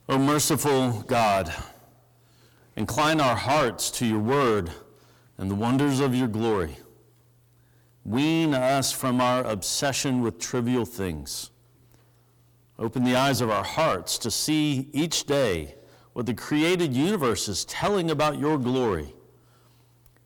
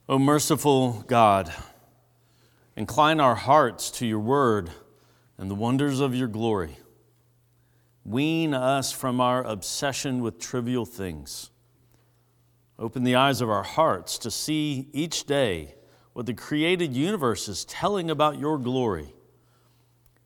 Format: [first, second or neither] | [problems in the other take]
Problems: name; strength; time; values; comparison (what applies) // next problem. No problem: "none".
second | distortion; heavy; 10% of the sound clipped